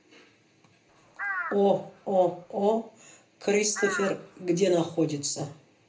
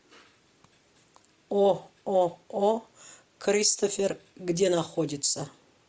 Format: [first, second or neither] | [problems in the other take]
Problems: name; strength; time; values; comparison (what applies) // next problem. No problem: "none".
second | background sound (Crow); 10 dB below the speech // room echo; dies away in 0.3 s